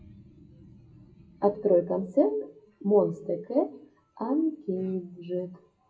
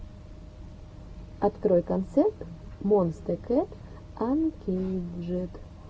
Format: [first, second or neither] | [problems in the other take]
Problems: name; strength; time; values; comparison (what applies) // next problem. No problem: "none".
second | noise reduction (classical method WPE with log-MMSE)